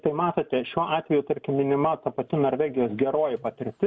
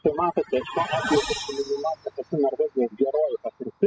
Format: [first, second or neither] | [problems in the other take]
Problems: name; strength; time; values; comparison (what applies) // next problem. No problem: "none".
first | noise reduction (classical method spectral subtraction)